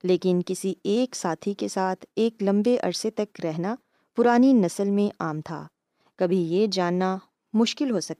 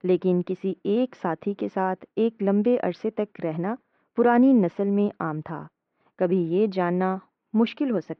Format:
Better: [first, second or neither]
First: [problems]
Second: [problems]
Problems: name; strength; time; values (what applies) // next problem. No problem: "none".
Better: first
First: none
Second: muffled; very; fading above 2.5 kHz